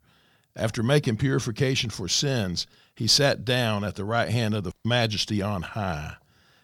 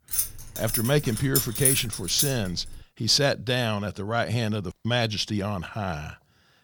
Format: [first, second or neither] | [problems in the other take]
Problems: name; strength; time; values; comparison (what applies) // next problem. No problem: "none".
first | jangling keys; loud; until 3 s; peak 5 dB above the speech